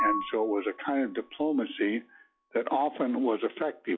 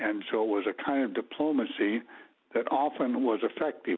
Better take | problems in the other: second | noise reduction (classical method log-MMSE)

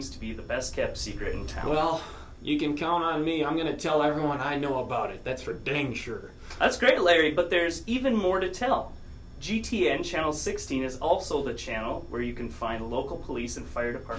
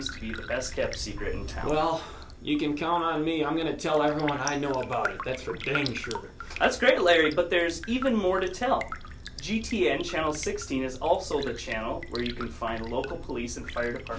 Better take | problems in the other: first | background sound (Raindrop); 14 dB below the speech

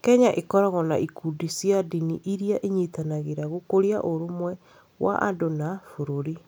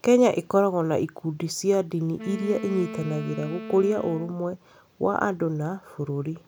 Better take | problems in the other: first | background sound (Wind instrument, woodwind instrument); 13 dB below the speech

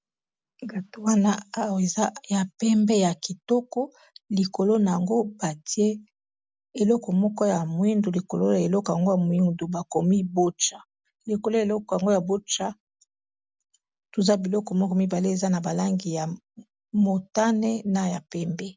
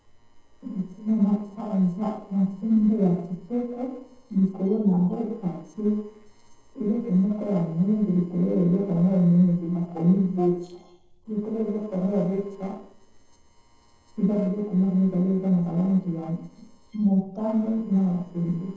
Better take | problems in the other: first | noise reduction (neural separator model SepFormer DNS4)

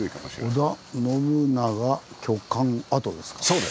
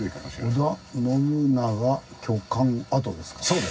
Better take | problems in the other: first | room echo; dies away in 0.4 s

